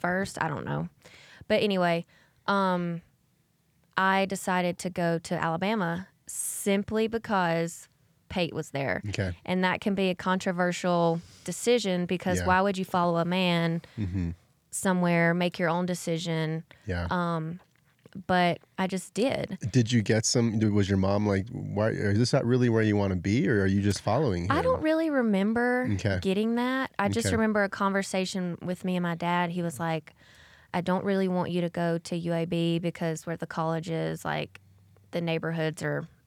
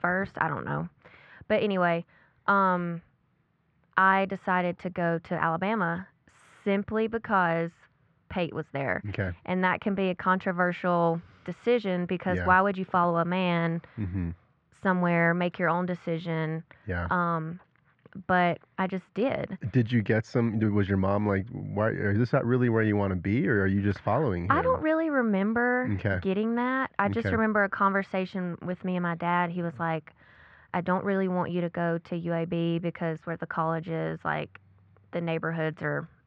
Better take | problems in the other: first | muffled; very; fading above 2.5 kHz

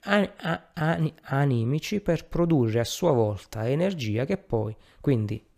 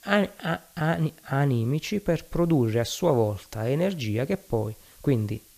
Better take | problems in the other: first | hiss; faint; throughout; 25 dB below the speech

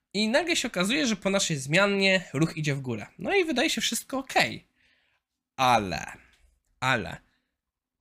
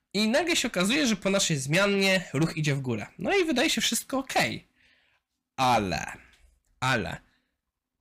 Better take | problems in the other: first | distortion; slight; 10 dB below the speech

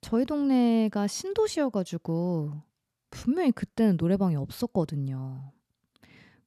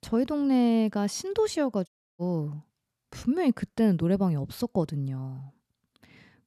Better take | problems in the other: first | audio cutting out; at 2 s

